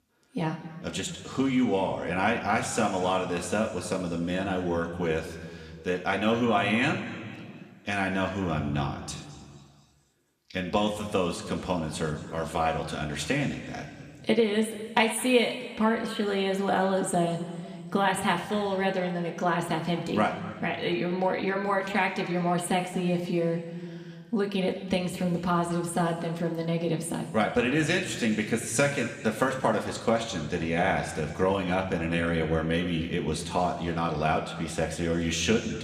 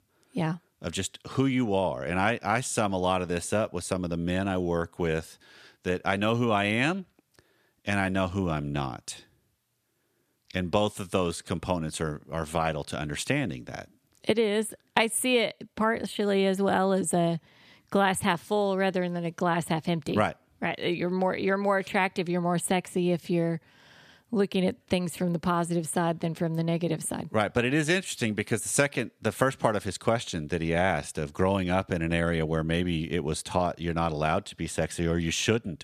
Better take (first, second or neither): second